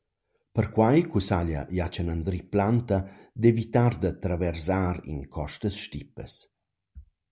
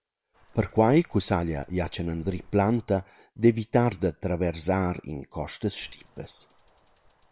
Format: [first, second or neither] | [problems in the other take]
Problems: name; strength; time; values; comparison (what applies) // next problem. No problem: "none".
first | noise reduction (neural separator model SepFormer WHAM!)